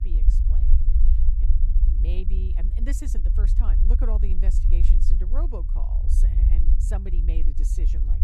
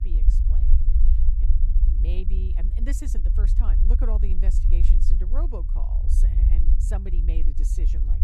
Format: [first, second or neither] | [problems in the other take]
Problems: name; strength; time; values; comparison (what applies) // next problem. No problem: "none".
neither | low rumble; loud; throughout; 2 dB below the speech; the same in both